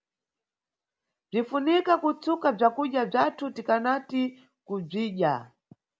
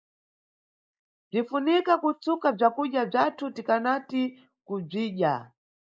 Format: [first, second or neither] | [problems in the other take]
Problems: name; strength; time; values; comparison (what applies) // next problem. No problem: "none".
first | noise reduction (neural mask model Resemble Enhance denoiser)